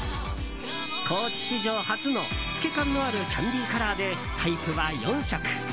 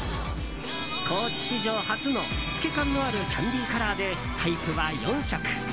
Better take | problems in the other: first | background sound (Aircraft); 11 dB below the speech

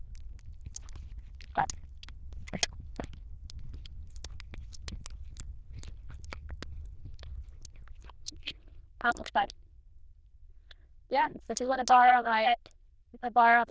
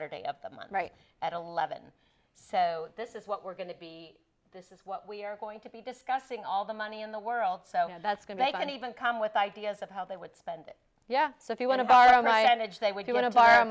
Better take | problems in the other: second | noise reduction (neural diffusion model UNIVERSE++)

